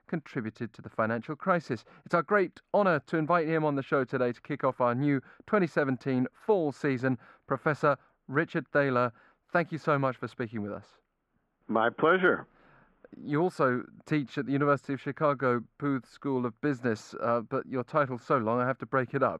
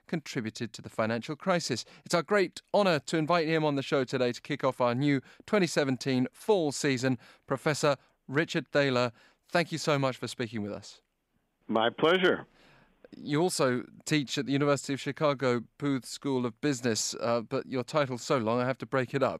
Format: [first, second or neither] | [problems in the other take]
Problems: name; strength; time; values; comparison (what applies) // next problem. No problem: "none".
second | muffled; very; fading above 3 kHz